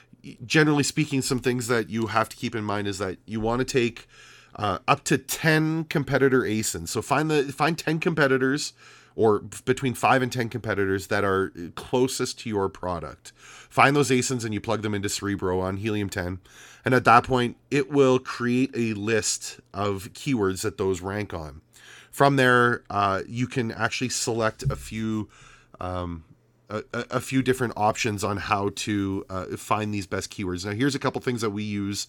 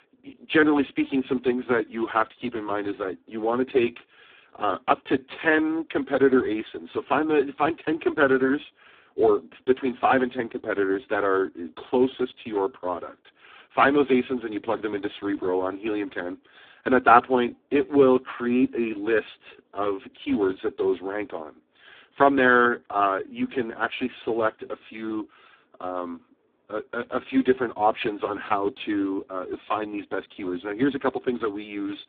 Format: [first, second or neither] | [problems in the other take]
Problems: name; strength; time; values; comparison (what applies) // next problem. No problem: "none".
first | phone-call audio; poor line; nothing above 3.5 kHz